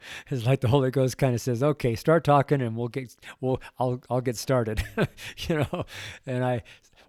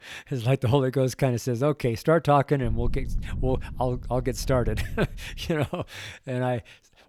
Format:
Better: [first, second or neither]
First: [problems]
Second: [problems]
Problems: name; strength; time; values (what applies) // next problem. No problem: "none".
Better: first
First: none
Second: low rumble; faint; from 2.5 to 5.5 s; 25 dB below the speech